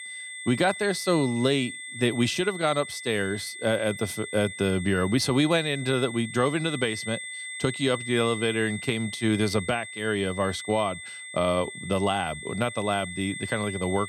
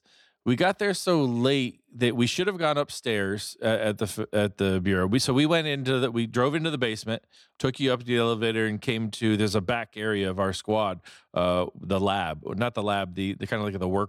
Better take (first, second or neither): second